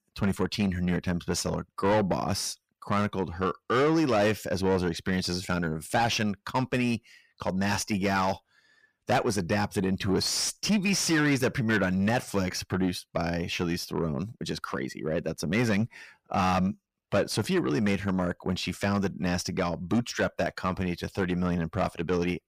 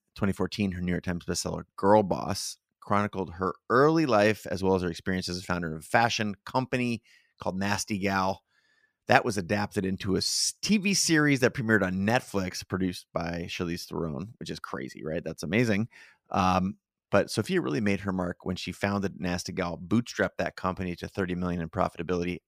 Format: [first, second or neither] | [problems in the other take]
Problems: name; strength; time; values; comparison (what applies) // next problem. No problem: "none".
second | distortion; heavy; 8 dB below the speech